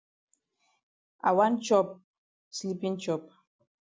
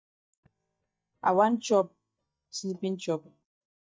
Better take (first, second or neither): first